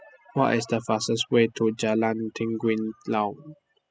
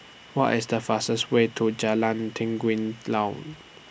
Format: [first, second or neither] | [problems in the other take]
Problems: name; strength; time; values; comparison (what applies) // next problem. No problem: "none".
second | noise reduction (classical method spectral subtraction)